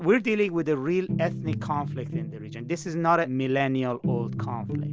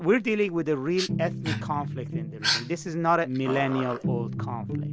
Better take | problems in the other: first | background sound (Dog); 8 dB below the speech

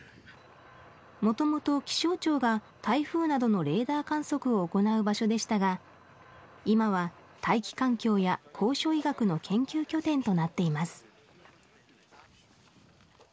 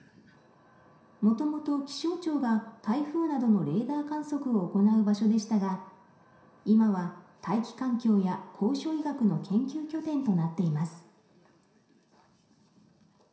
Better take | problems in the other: first | room echo; dies away in 0.7 s

